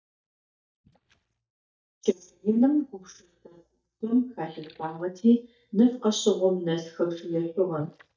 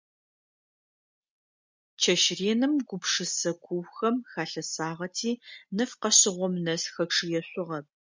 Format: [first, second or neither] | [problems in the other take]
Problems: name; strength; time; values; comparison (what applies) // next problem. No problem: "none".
second | noise reduction (neural mask model DeepFilterNet 3)